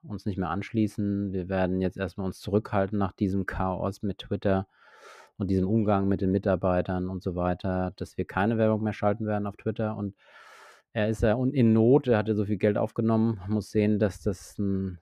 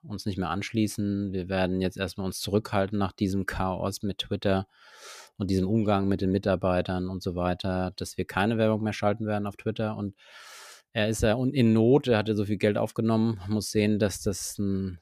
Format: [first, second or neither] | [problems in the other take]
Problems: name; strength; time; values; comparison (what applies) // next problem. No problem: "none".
second | muffled; slightly; fading above 2.5 kHz